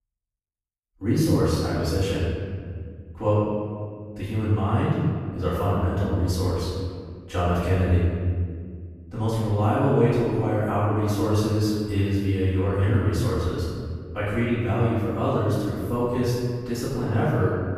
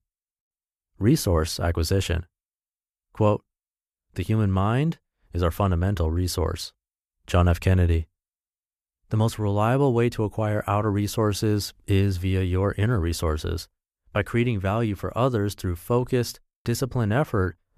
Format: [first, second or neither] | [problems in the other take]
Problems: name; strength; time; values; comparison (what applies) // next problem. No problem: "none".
second | off-mic speech; far // room echo; strong; dies away in 2 s